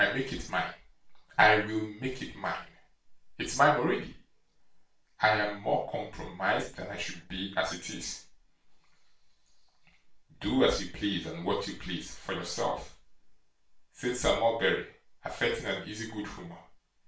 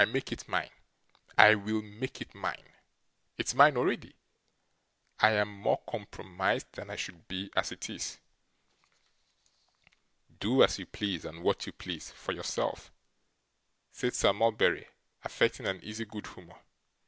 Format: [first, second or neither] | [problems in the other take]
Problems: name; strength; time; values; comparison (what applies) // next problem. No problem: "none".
second | room echo; dies away in 0.3 s